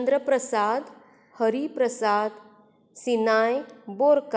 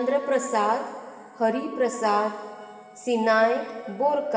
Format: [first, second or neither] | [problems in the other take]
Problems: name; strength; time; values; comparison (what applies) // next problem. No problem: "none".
first | background sound (Wind instrument, woodwind instrument); 19 dB below the speech // room echo; dies away in 2.1 s